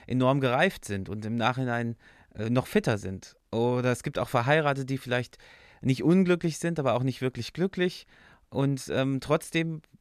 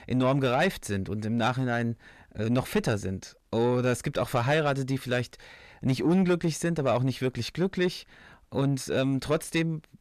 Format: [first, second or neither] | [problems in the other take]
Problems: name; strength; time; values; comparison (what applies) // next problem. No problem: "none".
first | distortion; slight; 9 dB below the speech